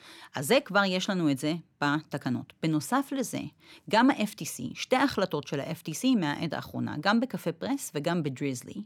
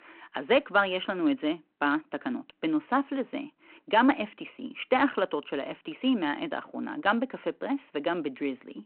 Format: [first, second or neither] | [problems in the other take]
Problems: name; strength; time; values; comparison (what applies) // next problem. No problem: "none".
first | phone-call audio